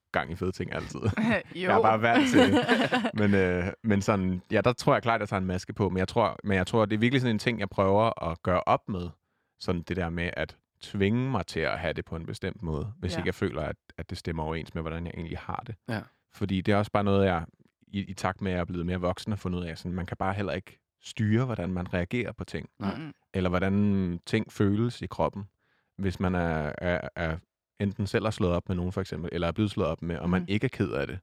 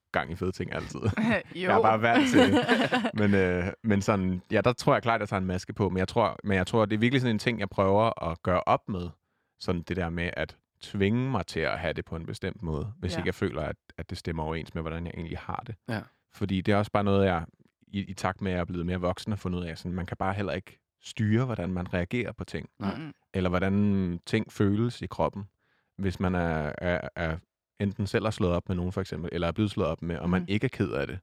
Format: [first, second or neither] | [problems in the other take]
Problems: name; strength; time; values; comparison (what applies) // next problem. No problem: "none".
neither | none